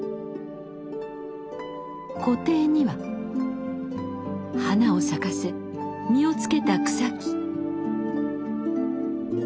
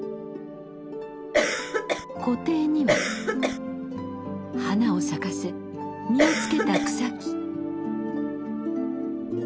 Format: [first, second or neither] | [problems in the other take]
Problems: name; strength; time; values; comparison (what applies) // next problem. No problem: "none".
first | background sound (Cough); 2 dB above the speech